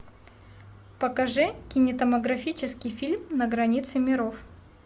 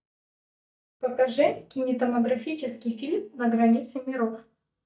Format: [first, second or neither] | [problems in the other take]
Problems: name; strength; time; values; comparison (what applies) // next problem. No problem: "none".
first | noise reduction (neural mask model DeepFilterNet 3)